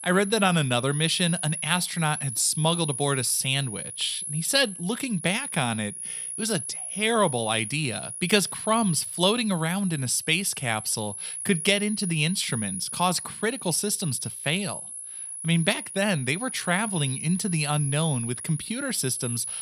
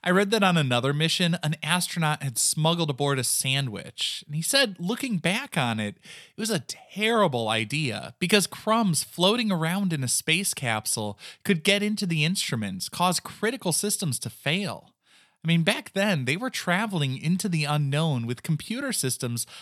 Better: second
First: high-pitched whine; loud; throughout; 10.5 kHz, 7 dB below the speech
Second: none

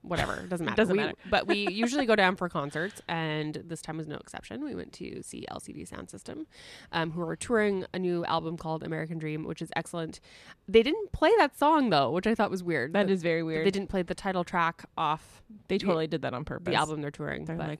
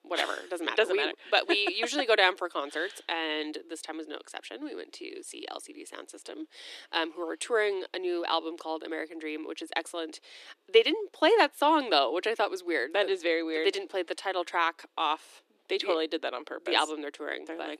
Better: first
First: none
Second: thin; somewhat; fading below 300 Hz

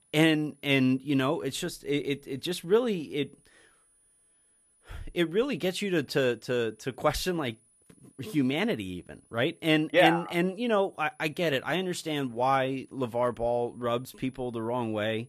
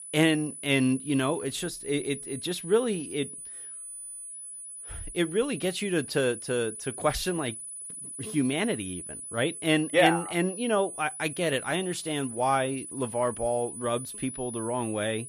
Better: first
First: high-pitched whine; faint; throughout; 10 kHz, 35 dB below the speech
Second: high-pitched whine; loud; throughout; 10 kHz, 9 dB below the speech

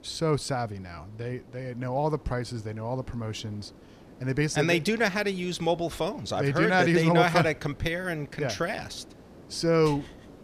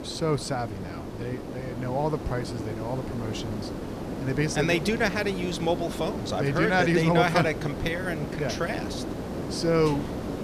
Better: first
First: hiss; faint; throughout; 25 dB below the speech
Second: hiss; loud; throughout; 7 dB below the speech

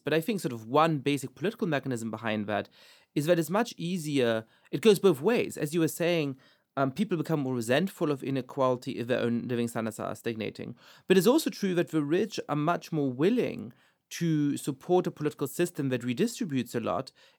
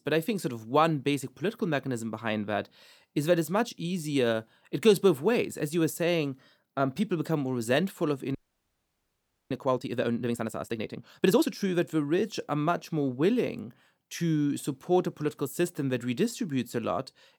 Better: first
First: none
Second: audio freezing; at 8.5 s for 1 s

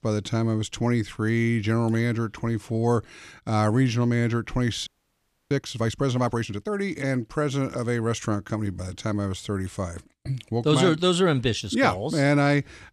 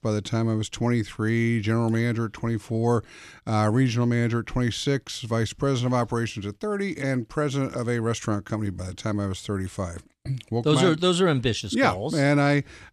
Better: second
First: audio freezing; at 5 s for 0.5 s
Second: none

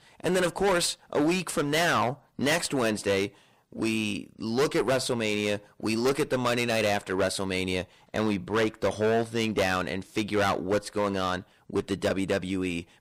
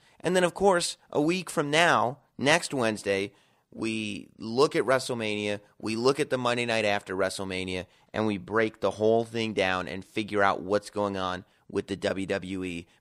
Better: second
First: distortion; heavy; 12% of the sound clipped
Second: none

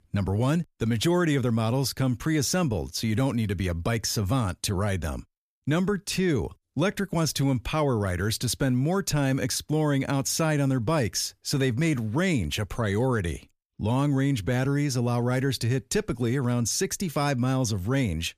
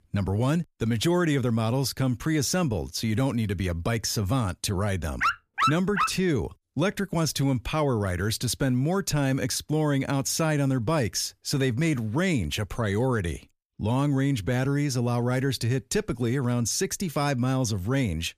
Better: first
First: none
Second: dog barking; loud; at 5 s; peak 1 dB above the speech

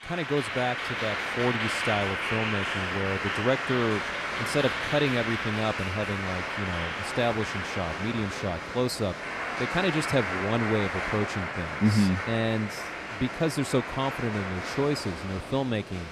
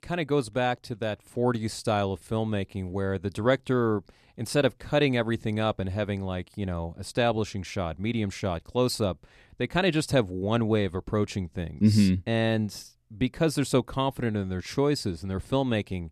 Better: second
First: crowd noise; loud; throughout; 2 dB below the speech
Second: none

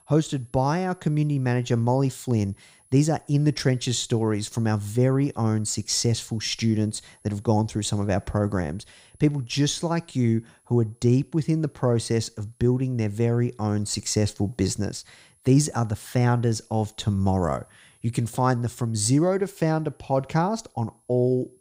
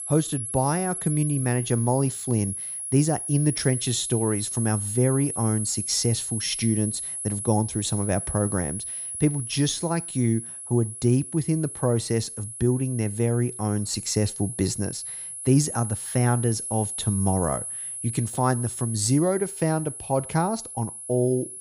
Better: first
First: high-pitched whine; faint; throughout; 10.5 kHz, 35 dB below the speech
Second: high-pitched whine; loud; throughout; 10.5 kHz, 6 dB below the speech

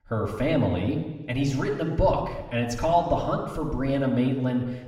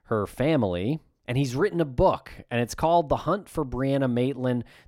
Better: second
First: room echo; noticeable; dies away in 1.1 s // off-mic speech; somewhat distant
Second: none

